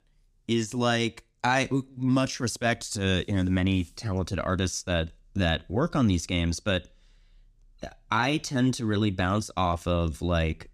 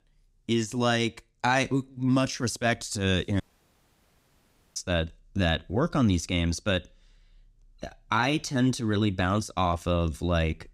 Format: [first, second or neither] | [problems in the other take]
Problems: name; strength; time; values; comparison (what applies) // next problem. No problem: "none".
first | audio cutting out; at 3.5 s for 1.5 s